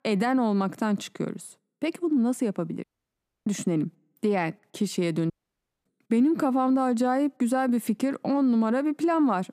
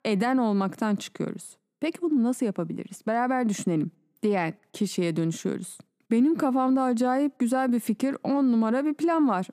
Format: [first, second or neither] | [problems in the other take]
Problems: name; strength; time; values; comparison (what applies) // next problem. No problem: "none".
second | audio cutting out; at 3 s for 0.5 s and at 5.5 s for 0.5 s